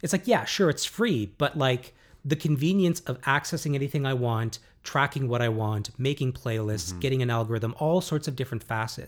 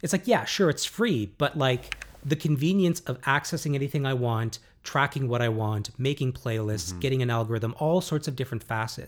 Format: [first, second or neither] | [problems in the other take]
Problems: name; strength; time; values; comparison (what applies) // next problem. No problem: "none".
first | keyboard typing; faint; at 2 s; peak 10 dB below the speech